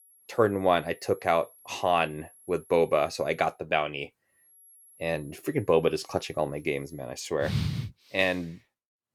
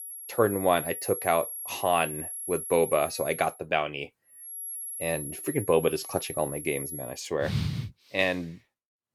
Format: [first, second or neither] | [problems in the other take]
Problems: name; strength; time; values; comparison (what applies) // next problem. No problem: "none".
first | high-pitched whine; loud; until 3.5 s and from 4.5 to 7 s; 11 kHz, 7 dB below the speech; faint in the first